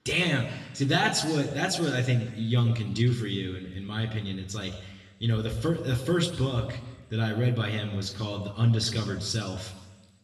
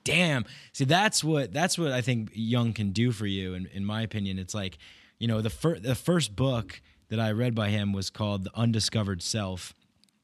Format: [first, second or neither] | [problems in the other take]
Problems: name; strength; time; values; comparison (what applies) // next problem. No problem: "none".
second | room echo; slight; dies away in 1.1 s // off-mic speech; somewhat distant